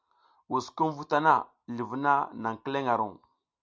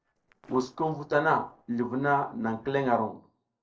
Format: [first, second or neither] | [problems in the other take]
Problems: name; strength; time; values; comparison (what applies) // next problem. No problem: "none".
first | noise reduction (neural separator model SepFormer DNS4)